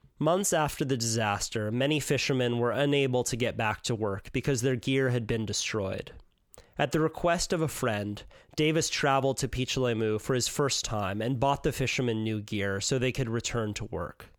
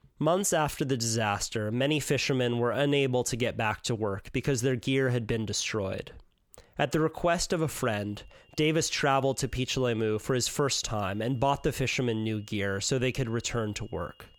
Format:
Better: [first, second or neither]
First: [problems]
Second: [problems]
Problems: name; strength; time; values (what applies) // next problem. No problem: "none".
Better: first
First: none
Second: high-pitched whine; faint; from 7.5 s on; 3 kHz, 30 dB below the speech